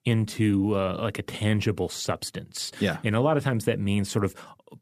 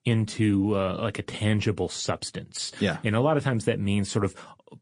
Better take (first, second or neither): first